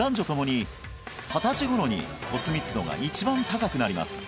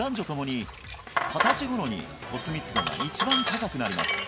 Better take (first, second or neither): first